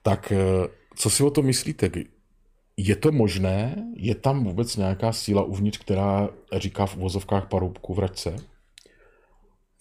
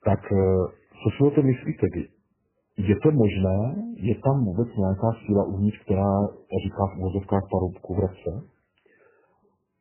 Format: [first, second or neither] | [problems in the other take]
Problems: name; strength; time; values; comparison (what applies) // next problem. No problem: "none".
first | garbled, watery; badly; nothing above 3 kHz